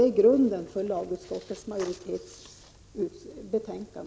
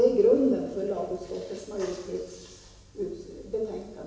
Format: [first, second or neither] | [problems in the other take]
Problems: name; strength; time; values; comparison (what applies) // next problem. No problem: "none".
first | room echo; dies away in 0.9 s